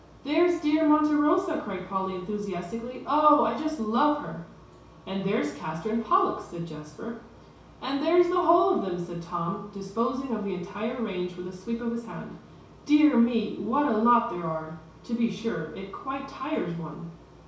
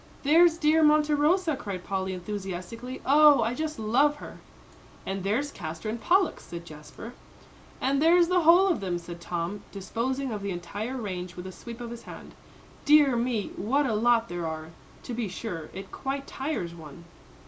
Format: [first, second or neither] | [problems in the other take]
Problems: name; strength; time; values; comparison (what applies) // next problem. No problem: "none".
second | room echo; dies away in 0.6 s